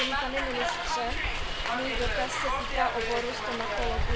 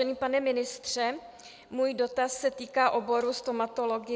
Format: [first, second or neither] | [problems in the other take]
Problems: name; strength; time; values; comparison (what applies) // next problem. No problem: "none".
second | background sound (Hiss); 5 dB above the speech // room echo; dies away in 0.4 s